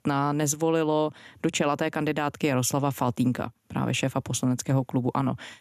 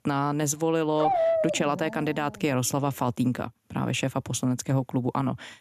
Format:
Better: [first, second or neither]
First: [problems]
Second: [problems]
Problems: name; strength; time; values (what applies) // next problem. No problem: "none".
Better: first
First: none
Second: dog barking; loud; from 1 to 2 s; peak 4 dB above the speech